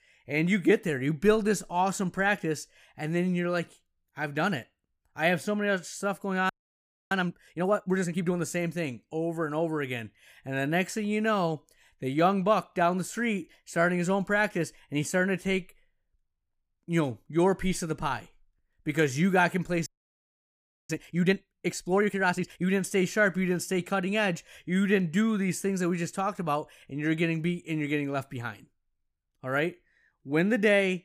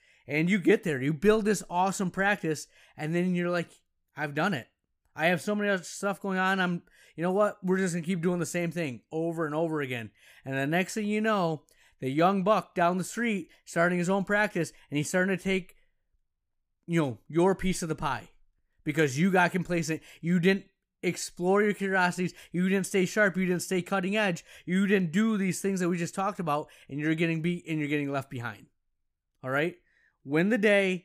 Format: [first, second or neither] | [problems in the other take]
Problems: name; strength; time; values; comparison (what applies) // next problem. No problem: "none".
second | audio freezing; at 6.5 s for 0.5 s and at 20 s for 1 s